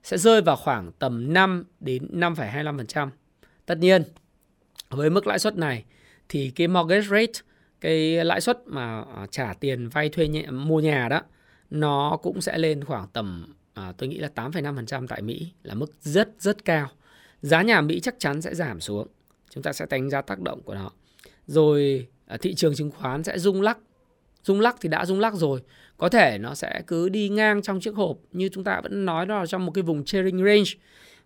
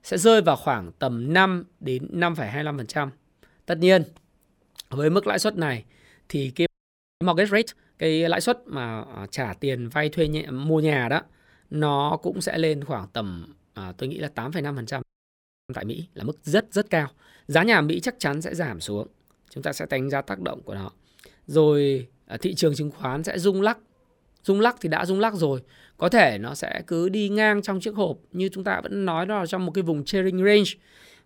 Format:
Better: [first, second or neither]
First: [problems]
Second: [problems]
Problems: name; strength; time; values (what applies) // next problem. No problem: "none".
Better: first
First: none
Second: audio freezing; at 6.5 s for 0.5 s and at 15 s for 0.5 s